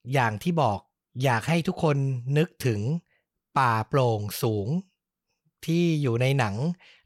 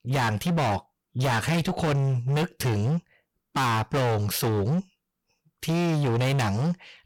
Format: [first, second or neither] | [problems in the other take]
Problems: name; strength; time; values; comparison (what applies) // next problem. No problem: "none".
first | distortion; heavy; 27% of the sound clipped